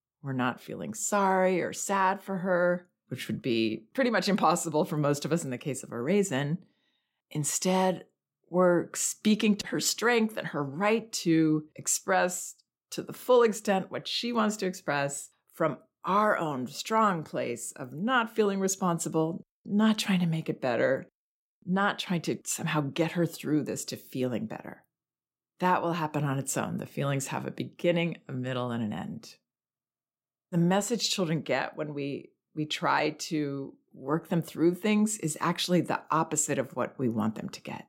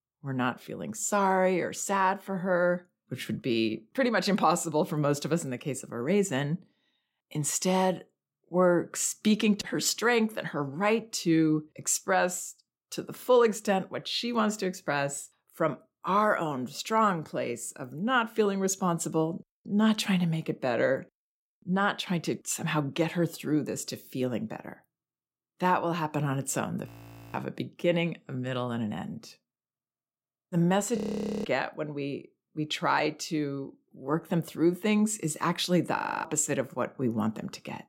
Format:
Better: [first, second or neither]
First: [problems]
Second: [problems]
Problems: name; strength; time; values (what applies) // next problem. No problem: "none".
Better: first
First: none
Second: audio freezing; at 27 s, at 31 s and at 36 s